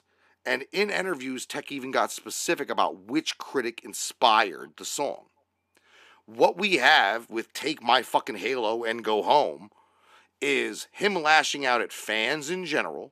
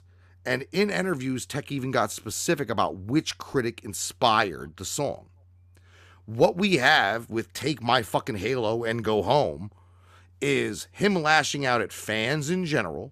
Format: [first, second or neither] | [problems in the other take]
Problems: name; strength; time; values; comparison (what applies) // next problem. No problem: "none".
second | thin; somewhat; fading below 250 Hz